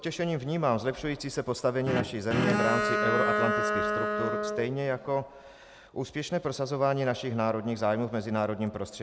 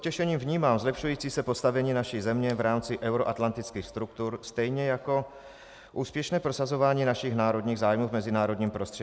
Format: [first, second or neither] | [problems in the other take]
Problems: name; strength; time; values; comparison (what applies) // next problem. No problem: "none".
second | background sound (Bowed string instrument); 1 dB above the speech